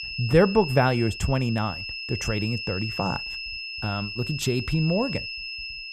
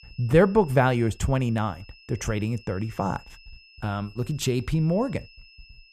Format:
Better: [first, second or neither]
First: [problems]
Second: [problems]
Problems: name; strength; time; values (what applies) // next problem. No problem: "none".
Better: second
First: high-pitched whine; loud; throughout; 2.5 kHz, 6 dB below the speech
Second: high-pitched whine; faint; throughout; 2.5 kHz, 25 dB below the speech